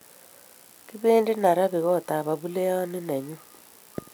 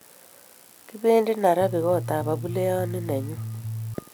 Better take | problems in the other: first | background sound (Bass guitar); 6 dB below the speech

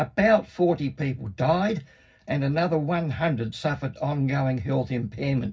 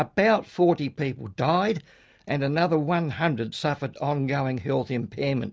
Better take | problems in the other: second | room echo; dies away in 0.4 s

